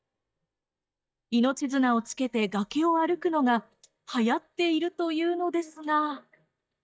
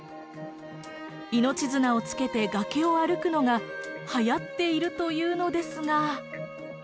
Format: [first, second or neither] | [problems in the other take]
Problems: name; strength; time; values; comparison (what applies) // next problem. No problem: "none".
second | noise reduction (neural mask model DeepFilterNet 3)